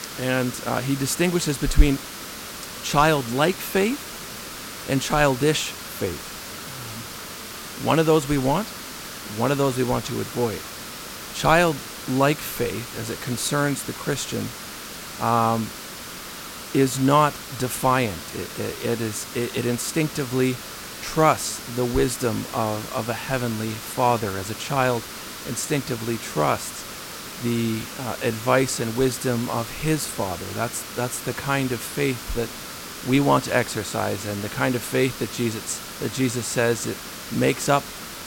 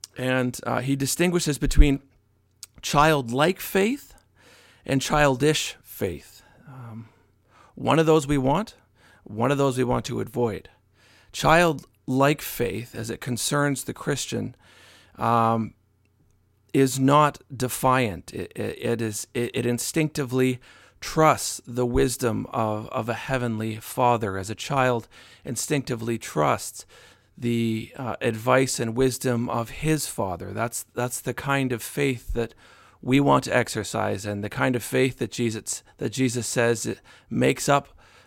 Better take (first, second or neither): second